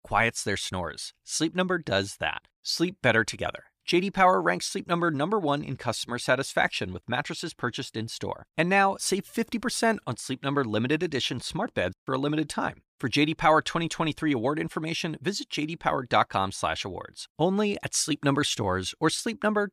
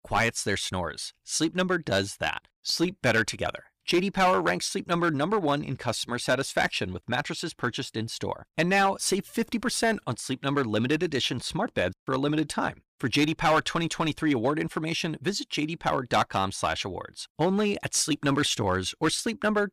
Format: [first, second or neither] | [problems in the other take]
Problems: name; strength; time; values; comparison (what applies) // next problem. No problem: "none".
first | distortion; slight; 4% of the sound clipped